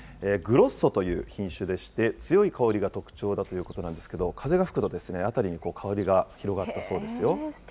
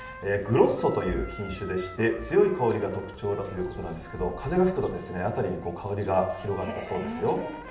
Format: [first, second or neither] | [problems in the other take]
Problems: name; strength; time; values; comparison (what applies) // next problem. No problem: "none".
first | background sound (Trumpet); 17 dB below the speech // room echo; dies away in 0.8 s